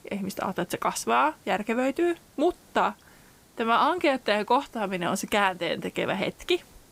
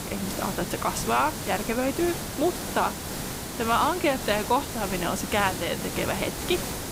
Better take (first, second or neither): first